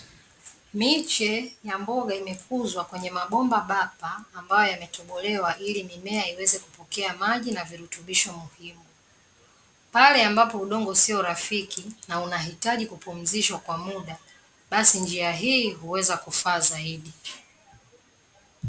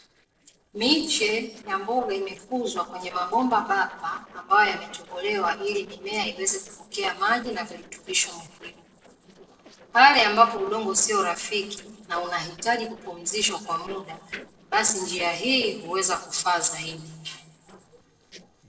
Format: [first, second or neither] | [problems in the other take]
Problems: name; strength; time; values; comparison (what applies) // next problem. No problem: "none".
first | noise reduction (neural separator model SepFormer DNS4)